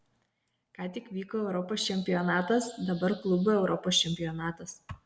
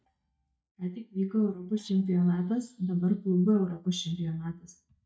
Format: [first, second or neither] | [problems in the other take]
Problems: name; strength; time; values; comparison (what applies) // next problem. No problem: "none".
first | noise reduction (neural mask model DeepFilterNet 3)